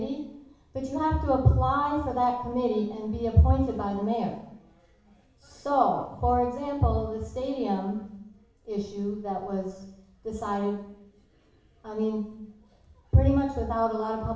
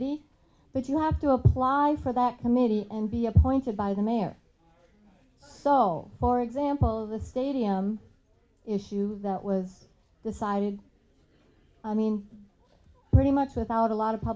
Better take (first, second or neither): second